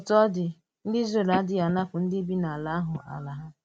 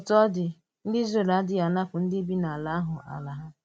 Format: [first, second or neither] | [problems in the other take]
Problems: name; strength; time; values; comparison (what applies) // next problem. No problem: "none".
second | background sound (Telephone); 14 dB below the speech